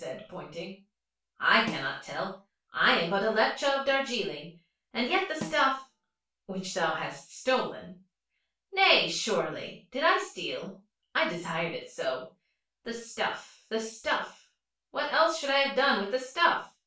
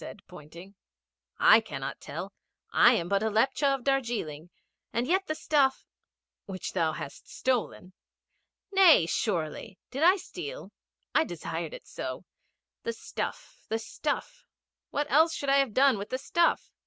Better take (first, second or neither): second